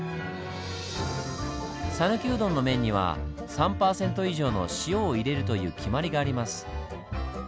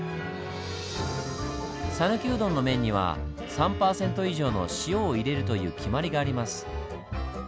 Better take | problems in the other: first | background sound (Bowed string instrument); 15 dB below the speech

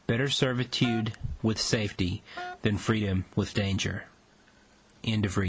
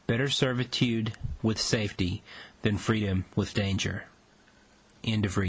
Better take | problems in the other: second | background sound (Wind instrument, woodwind instrument); 14 dB below the speech

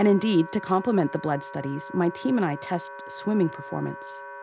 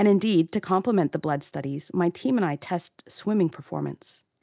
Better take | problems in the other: second | background sound (Wind instrument, woodwind instrument); 14 dB below the speech

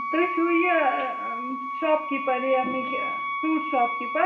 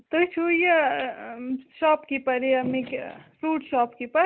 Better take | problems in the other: second | background sound (Wind instrument, woodwind instrument); 4 dB below the speech // room echo; dies away in 0.7 s

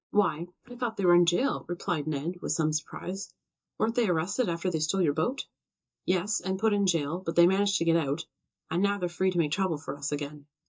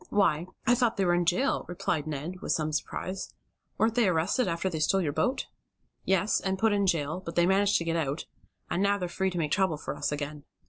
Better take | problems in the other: second | noise reduction (neural mask model DeepFilterNet 3)

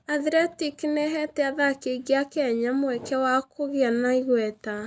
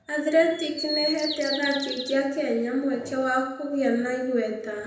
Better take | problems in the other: first | background sound (Bird vocalization, bird call, bird song); 8 dB below the speech // room echo; dies away in 0.8 s

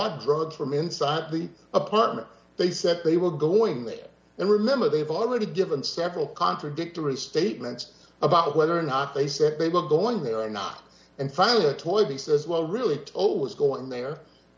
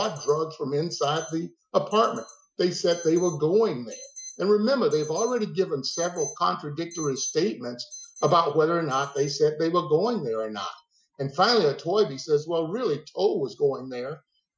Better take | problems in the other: first | noise reduction (classical method Wiener filter)

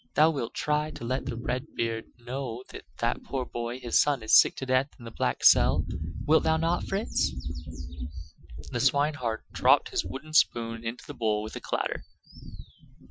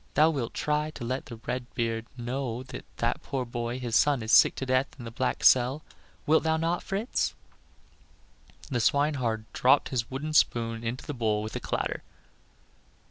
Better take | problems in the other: second | noise reduction (classical method Wiener filter)

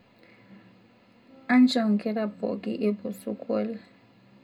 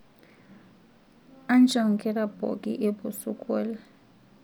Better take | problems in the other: second | room echo; dies away in 0.2 s

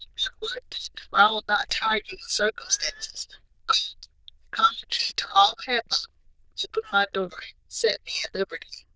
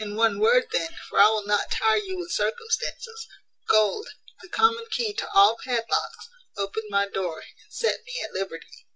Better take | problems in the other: second | noise reduction (neural diffusion model UNIVERSE++)

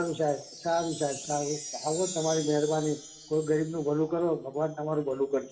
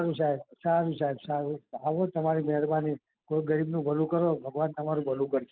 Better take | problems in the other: second | background sound (Chime); 13 dB below the speech // room echo; dies away in 0.7 s

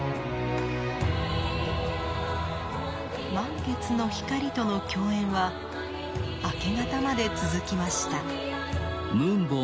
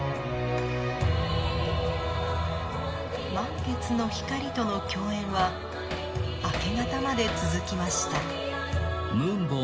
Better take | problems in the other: first | background sound (Hammer); 12 dB below the speech // room echo; dies away in 1 s

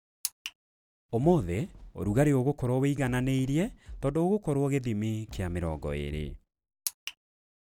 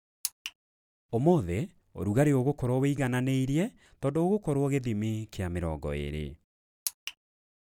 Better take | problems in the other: second | background sound (Fireworks); 17 dB below the speech

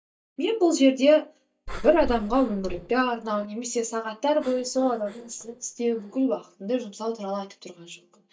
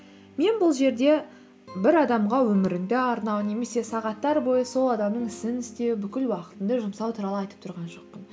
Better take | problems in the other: second | noise reduction (neural mask model DeepFilterNet 3)

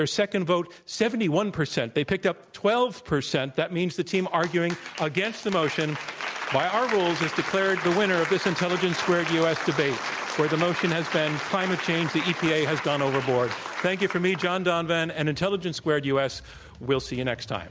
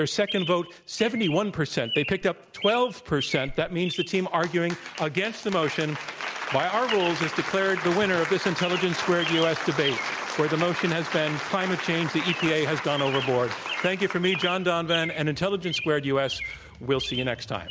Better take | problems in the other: first | background sound (Chirp, tweet); 12 dB below the speech

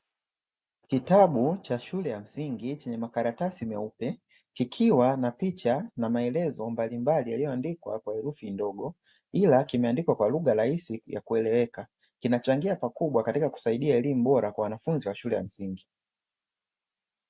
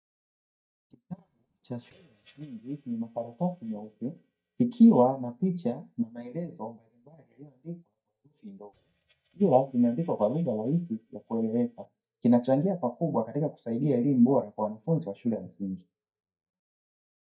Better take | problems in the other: first | noise reduction (neural mask model DeepFilterNet 3)

